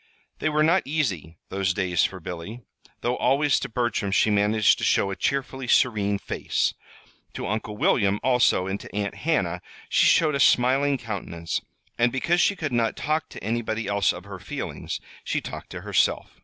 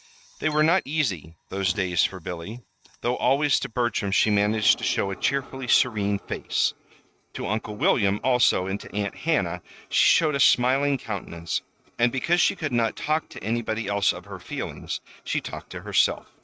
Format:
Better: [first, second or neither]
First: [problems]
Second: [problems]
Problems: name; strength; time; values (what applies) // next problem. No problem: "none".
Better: first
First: none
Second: noise reduction (neural mask model RNNoise)